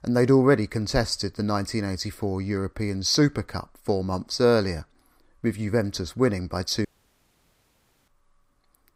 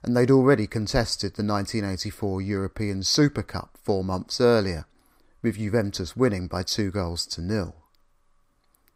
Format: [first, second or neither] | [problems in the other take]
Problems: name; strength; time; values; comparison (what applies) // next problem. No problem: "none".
second | audio cutting out; at 7 s for 1 s